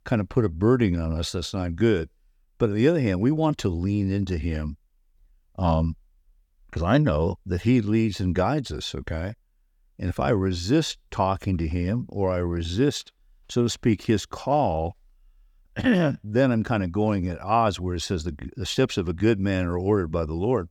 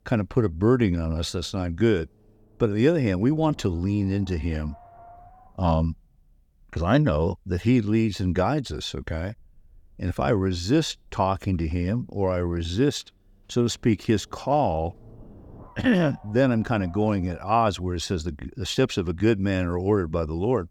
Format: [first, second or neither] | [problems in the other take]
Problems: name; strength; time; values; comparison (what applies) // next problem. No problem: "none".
first | low rumble; faint; throughout; 25 dB below the speech